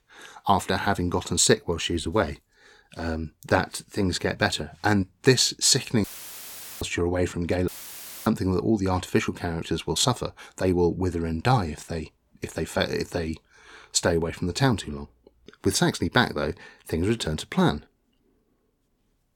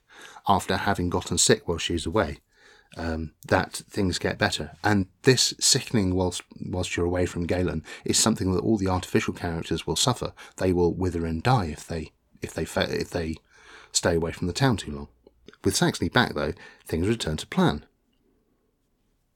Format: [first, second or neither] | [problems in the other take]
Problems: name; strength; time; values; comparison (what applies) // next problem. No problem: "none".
second | audio cutting out; filled with static; at 6 s for 1 s and at 7.5 s for 0.5 s